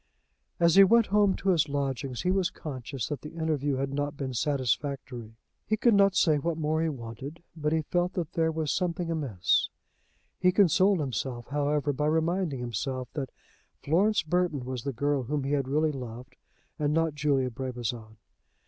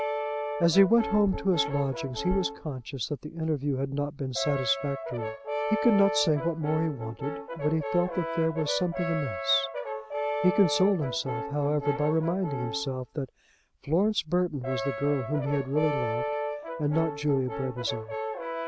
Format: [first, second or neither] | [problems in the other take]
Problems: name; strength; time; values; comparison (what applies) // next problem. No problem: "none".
first | background sound (Brass instrument); 6 dB below the speech